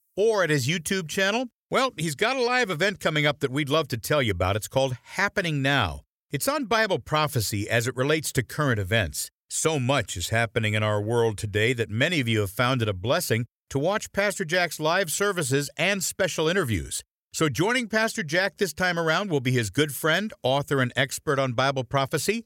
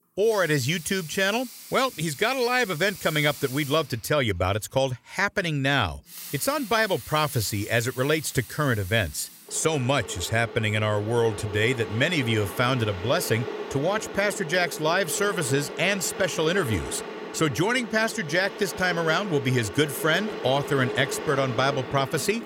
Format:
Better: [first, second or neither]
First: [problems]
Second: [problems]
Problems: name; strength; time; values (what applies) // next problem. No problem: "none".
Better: first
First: none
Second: household noises; noticeable; throughout; 10 dB below the speech